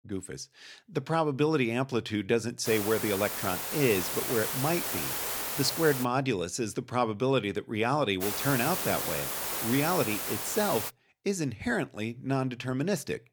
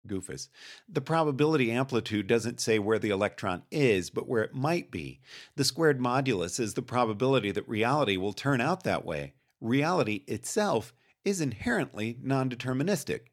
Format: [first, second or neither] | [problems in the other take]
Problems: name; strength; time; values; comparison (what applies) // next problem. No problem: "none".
second | hiss; loud; from 2.5 to 6 s and from 8 to 11 s; 2 dB below the speech